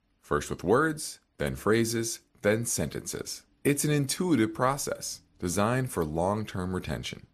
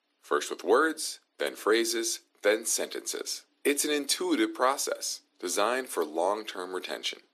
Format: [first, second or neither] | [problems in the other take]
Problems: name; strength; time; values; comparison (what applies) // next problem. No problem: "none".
first | thin; somewhat; fading below 300 Hz